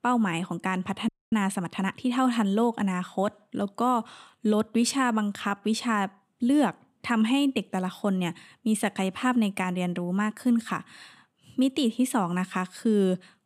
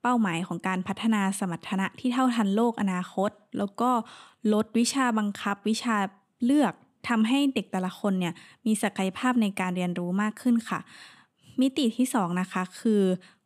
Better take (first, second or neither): second